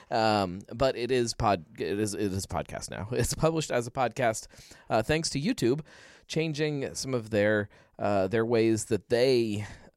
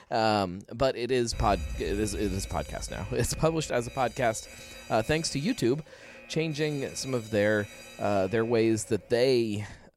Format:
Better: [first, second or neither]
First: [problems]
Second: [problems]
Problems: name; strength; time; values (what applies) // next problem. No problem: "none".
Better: first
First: none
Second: alarm; noticeable; from 1.5 to 9 s; peak 8 dB below the speech